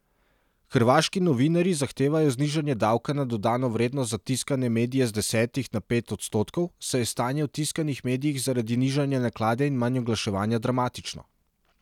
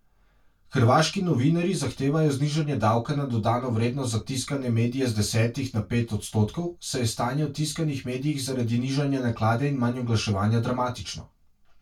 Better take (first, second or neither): first